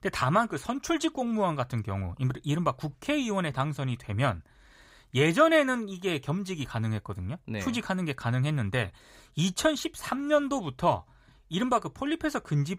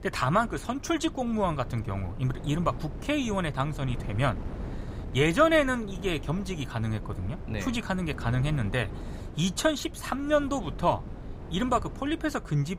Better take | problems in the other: first | wind noise on the microphone; occasional gusts; 20 dB below the speech

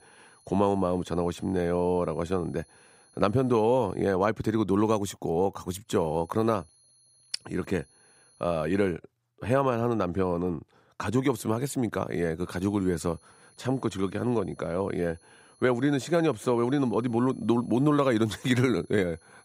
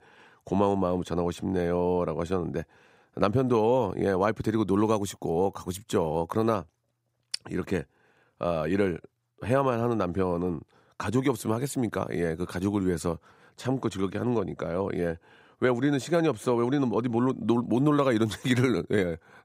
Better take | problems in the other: second | high-pitched whine; faint; until 4 s, from 6 to 9 s and from 12 s on; 10.5 kHz, 30 dB below the speech

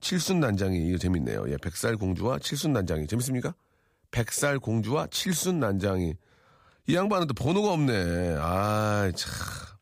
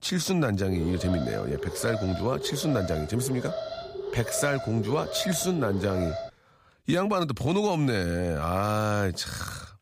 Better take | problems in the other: first | alarm; noticeable; from 0.5 to 6.5 s; peak 6 dB below the speech

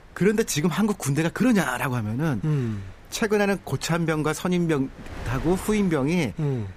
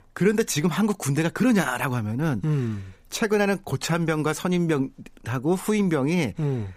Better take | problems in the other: second | wind noise on the microphone; occasional gusts; 20 dB below the speech

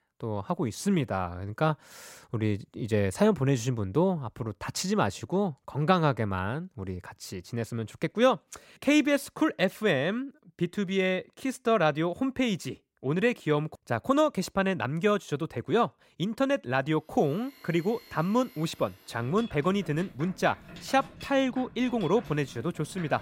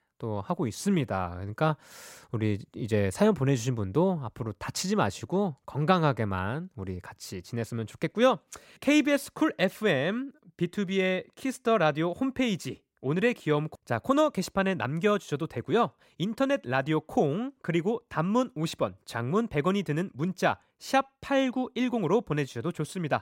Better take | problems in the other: second | machinery noise; noticeable; from 17 s on; 20 dB below the speech

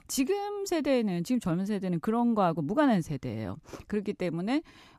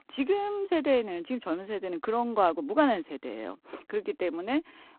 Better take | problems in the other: first | phone-call audio; poor line

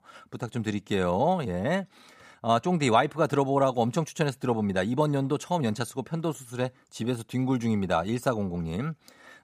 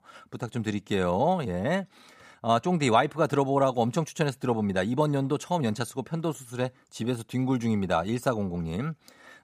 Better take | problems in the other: neither | none

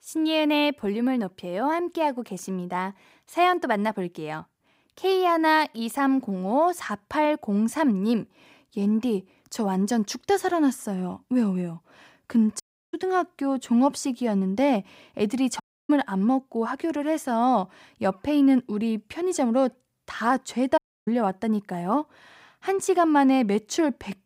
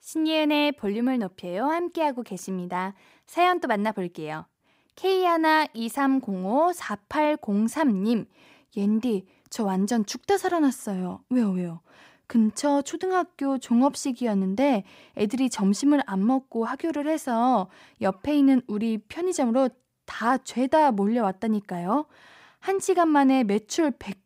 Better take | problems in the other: second | audio cutting out; at 13 s, at 16 s and at 21 s

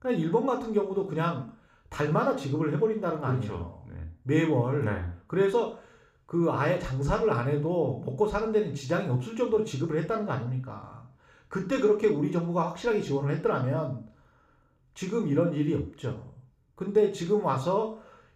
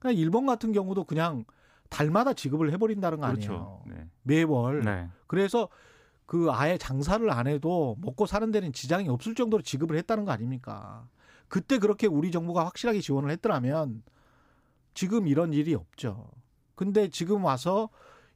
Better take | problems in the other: second | room echo; slight; dies away in 0.4 s

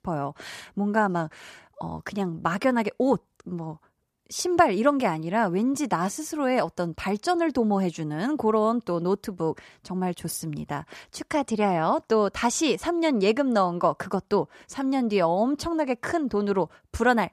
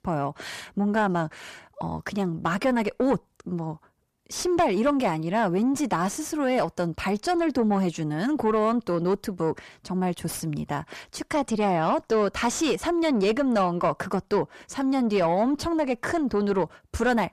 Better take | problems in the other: first | distortion; slight; 10 dB below the speech

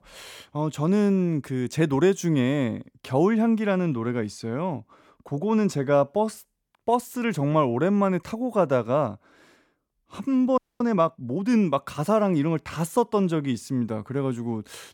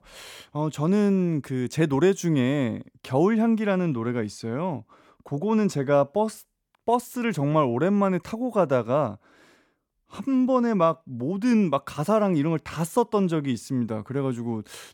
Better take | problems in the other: second | audio freezing; at 11 s

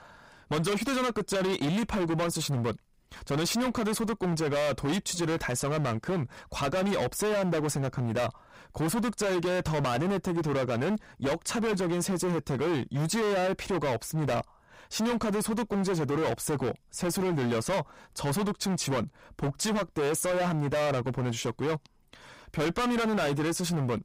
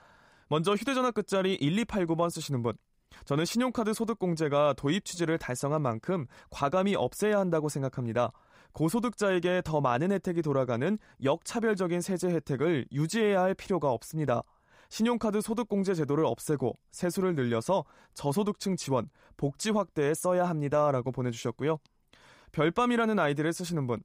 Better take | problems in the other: second | distortion; heavy; 29% of the sound clipped

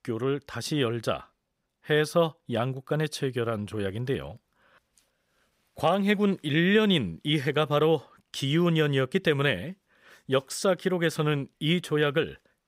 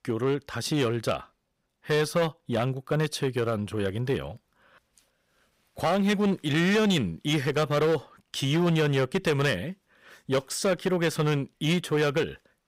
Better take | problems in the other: first | distortion; slight; 9% of the sound clipped

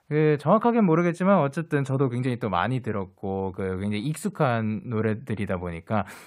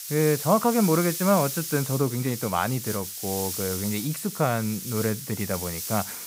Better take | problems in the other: first | hiss; loud; throughout; 5 dB below the speech

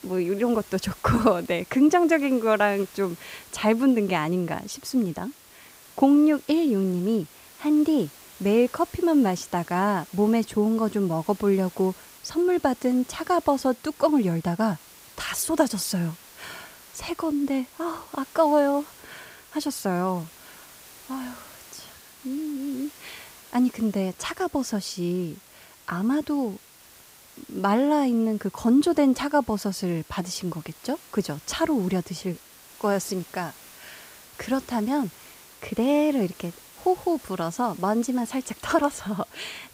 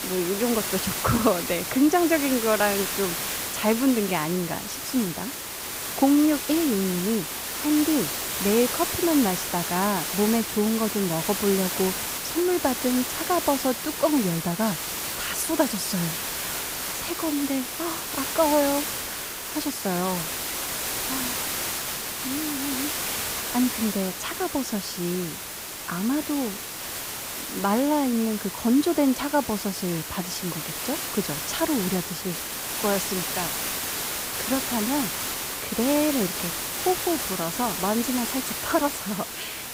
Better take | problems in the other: first | hiss; loud; throughout; 2 dB below the speech; faint in the first

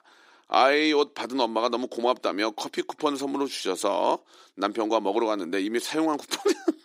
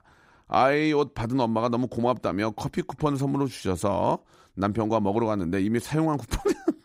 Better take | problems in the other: second | thin; very slightly; fading below 300 Hz

